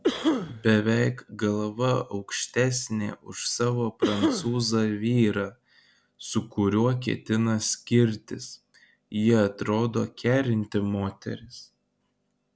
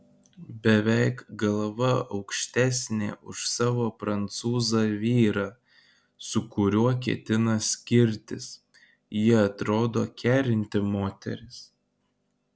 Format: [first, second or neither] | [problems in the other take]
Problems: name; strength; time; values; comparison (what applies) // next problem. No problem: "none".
second | background sound (Cough); 3 dB below the speech